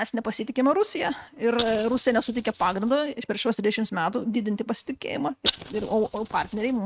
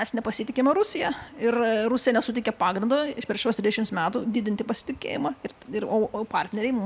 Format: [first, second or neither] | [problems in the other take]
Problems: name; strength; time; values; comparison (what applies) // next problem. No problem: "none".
second | noise reduction (neural mask model RNNoise)